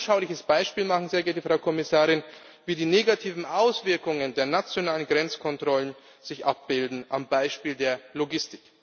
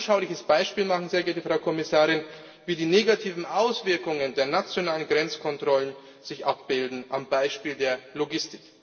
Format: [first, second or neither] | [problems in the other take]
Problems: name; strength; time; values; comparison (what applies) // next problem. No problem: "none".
first | room echo; dies away in 1.7 s